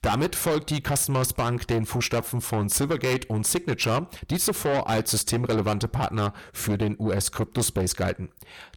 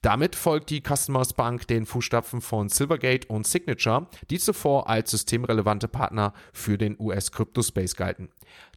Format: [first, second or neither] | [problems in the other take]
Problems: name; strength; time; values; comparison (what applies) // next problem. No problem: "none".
second | distortion; heavy; 6 dB below the speech